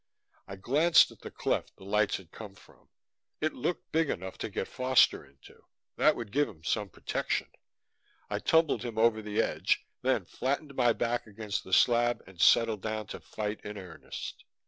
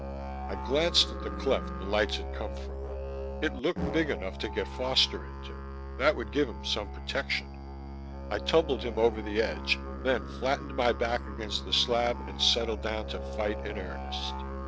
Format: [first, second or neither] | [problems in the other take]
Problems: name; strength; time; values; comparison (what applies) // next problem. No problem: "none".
first | background sound (Musical instrument); 6 dB below the speech